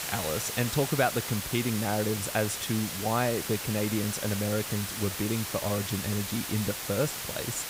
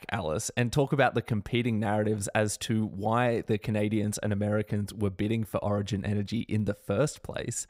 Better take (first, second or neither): second